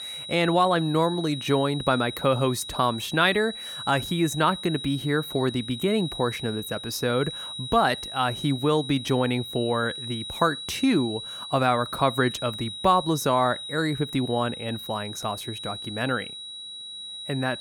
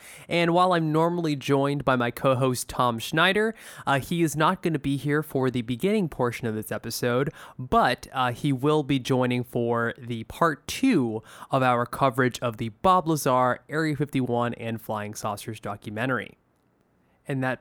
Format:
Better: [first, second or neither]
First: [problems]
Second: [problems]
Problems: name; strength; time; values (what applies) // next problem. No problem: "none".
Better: second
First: high-pitched whine; loud; throughout; 4 kHz, 9 dB below the speech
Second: none